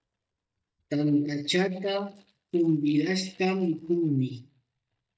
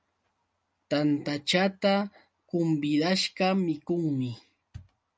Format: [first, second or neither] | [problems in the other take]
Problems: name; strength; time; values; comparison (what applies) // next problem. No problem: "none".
second | noise reduction (neural mask model DeepFilterNet 3)